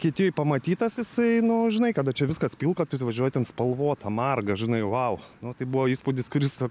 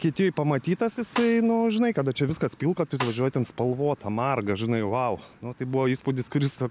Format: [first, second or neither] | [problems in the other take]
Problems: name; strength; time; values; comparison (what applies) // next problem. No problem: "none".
first | background sound (Snare drum); 11 dB below the speech